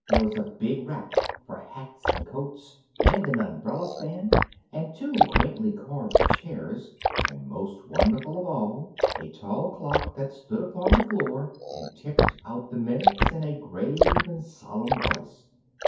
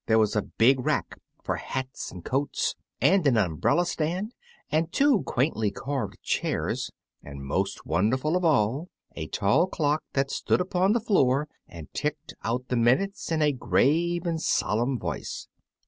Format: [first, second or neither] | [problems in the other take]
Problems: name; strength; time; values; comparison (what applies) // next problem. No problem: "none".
second | background sound (Liquid); 3 dB above the speech // room echo; dies away in 0.6 s